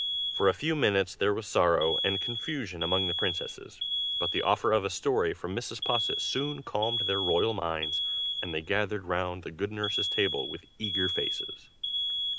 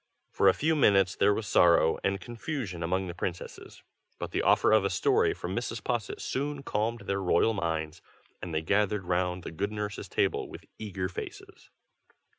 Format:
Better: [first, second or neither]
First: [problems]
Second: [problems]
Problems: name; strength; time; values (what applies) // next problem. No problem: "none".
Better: second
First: background sound (Alarm); 3 dB below the speech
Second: none